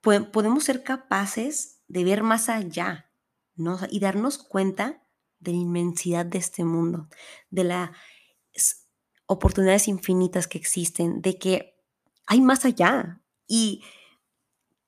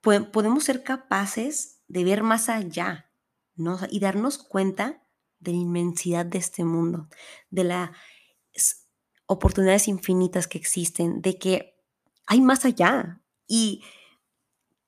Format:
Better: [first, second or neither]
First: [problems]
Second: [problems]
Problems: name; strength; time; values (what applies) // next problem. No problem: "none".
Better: neither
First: none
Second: none